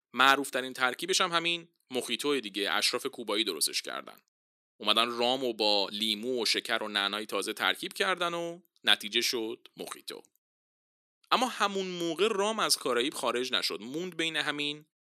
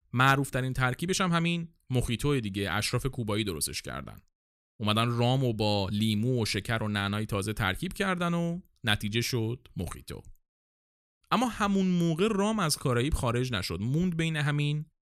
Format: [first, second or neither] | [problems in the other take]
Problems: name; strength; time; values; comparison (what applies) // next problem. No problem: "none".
second | thin; somewhat; fading below 300 Hz